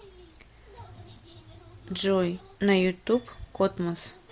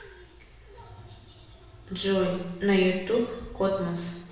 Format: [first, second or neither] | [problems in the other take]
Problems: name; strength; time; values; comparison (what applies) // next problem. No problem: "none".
first | room echo; dies away in 0.9 s